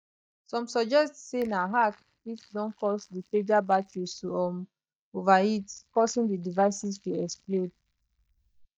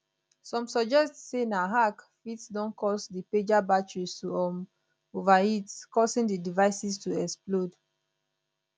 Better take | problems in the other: second | noise reduction (neural mask model DeepFilterNet 3)

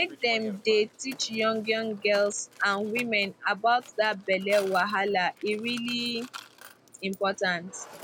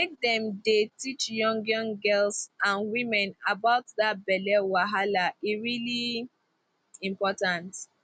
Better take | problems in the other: second | background sound (Mechanisms); 20 dB below the speech

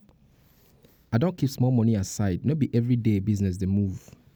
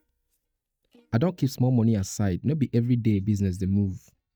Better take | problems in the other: first | noise reduction (neural mask model DeepFilterNet 3)

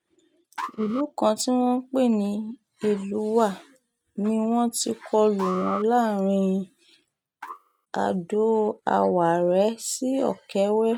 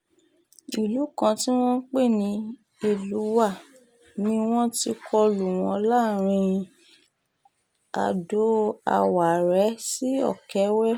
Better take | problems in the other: second | noise reduction (neural mask model RNNoise)

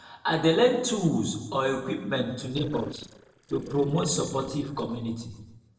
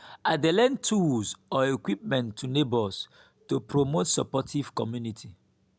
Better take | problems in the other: second | noise reduction (neural separator model SepFormer DNS4)

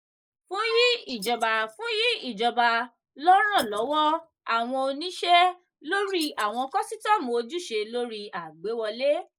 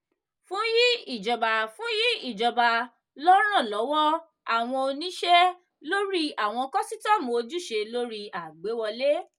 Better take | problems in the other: second | noise reduction (neural mask model Resemble Enhance denoiser)

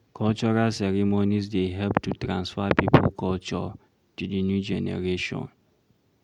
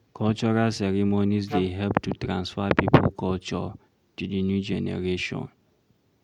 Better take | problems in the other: first | background sound (Wind instrument, woodwind instrument); 9 dB below the speech

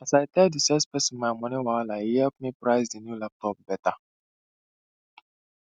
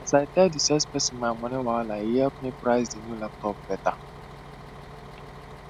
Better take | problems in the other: first | background sound (Bus); 15 dB below the speech

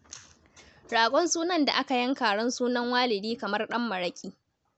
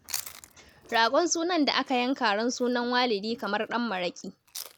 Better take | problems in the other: first | background sound (Chewing, mastication); 18 dB below the speech

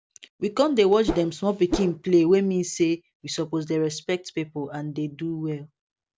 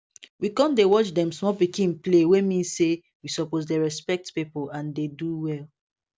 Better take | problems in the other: second | background sound (Whoosh, swoosh, swish); 5 dB below the speech

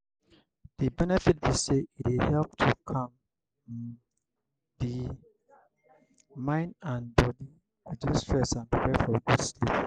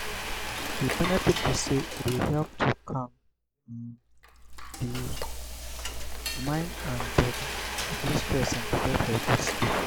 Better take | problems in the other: first | background sound (Frying (food)); 3 dB below the speech

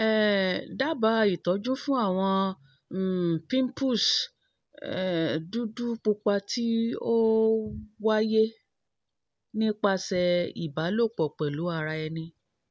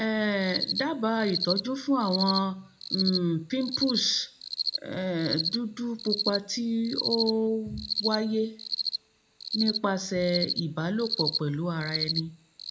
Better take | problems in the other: first | background sound (Cricket); 5 dB below the speech // room echo; dies away in 0.2 s

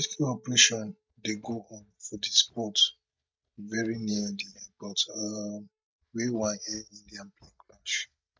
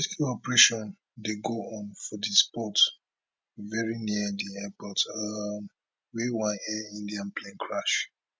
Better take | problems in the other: second | noise reduction (neural mask model DeepFilterNet 3)

